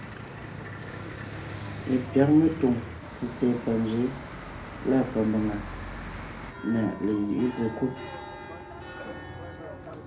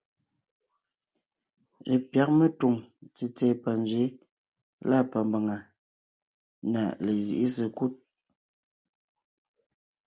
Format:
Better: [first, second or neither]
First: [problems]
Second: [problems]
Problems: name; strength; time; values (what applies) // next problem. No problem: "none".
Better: second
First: background sound (Church bell / Traffic noise, roadway noise); 10 dB below the speech // room echo; dies away in 0.3 s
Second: none